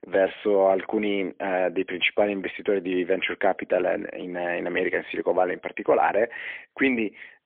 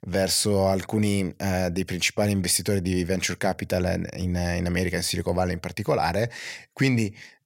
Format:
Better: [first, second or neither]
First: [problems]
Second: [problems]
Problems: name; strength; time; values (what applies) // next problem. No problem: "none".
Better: second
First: phone-call audio; poor line; nothing above 3.5 kHz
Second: none